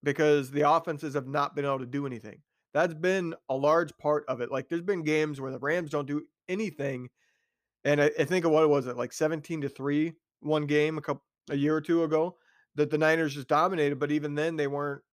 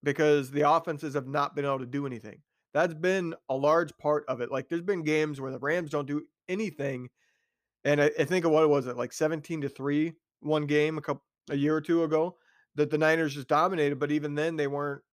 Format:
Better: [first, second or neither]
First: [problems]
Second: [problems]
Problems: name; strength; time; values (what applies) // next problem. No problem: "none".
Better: neither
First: none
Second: none